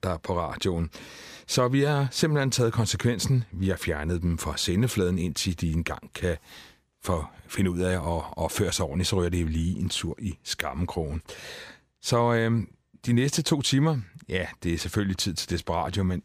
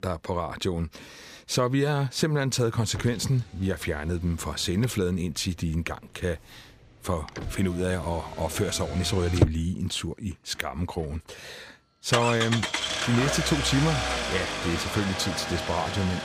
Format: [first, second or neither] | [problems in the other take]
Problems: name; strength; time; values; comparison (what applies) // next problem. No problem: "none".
first | traffic noise; loud; throughout; 2 dB below the speech